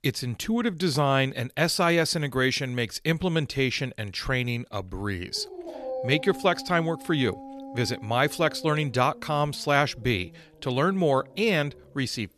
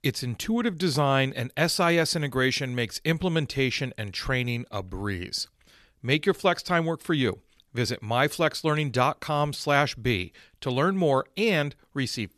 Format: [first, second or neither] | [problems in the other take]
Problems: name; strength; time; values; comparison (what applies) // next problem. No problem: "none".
second | dog barking; noticeable; from 5.5 to 12 s; peak 7 dB below the speech